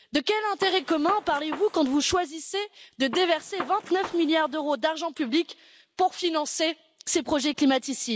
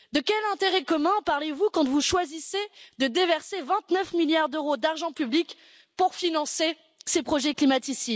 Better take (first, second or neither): second